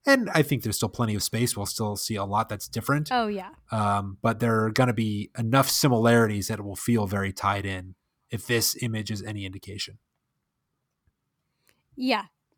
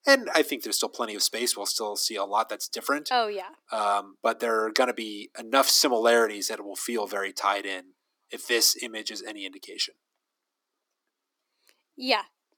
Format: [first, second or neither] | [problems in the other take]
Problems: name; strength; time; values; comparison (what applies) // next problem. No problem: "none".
first | thin; somewhat; fading below 300 Hz